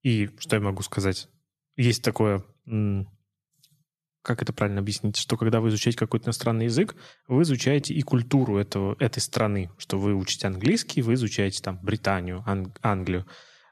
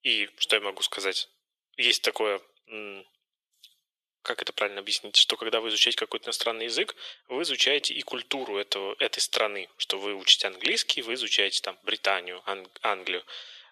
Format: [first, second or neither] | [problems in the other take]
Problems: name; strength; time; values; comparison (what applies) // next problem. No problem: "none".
first | thin; very; fading below 450 Hz